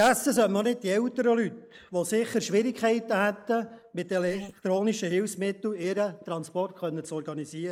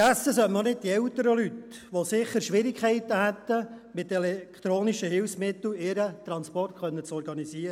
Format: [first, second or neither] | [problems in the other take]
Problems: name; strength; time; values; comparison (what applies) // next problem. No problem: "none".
second | noise reduction (neural mask model Resemble Enhance denoiser)